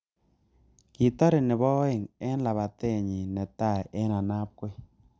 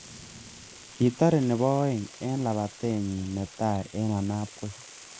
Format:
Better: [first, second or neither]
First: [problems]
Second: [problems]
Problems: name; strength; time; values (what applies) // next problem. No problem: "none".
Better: first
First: none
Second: noise reduction (neural mask model Resemble Enhance denoiser)